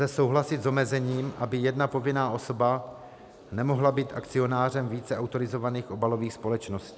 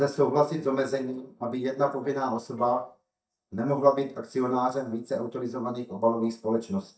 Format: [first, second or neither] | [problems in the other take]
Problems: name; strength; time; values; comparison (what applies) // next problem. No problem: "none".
first | noise reduction (neural mask model DeepFilterNet 3)